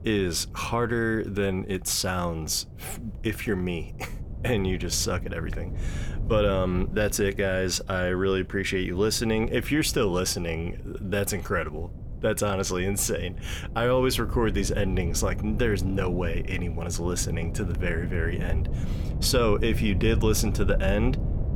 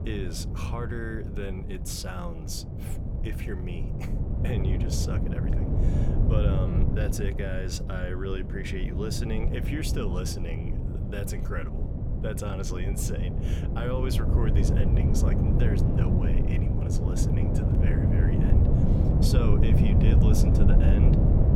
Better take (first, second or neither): first